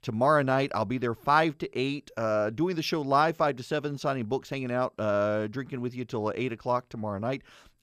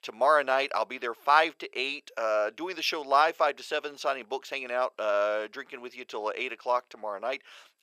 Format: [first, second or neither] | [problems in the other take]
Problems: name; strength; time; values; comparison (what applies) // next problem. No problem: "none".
first | thin; very; fading below 500 Hz